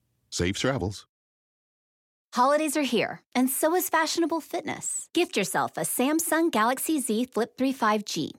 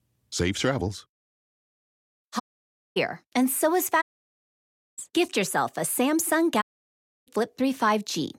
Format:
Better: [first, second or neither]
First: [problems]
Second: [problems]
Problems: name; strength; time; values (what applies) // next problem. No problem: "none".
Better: first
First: none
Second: audio cutting out; at 2.5 s for 0.5 s, at 4 s for 1 s and at 6.5 s for 0.5 s